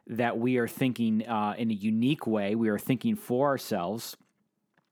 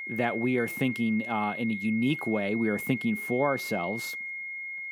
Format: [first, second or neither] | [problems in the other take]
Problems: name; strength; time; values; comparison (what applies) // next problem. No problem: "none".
first | high-pitched whine; loud; throughout; 2 kHz, 5 dB below the speech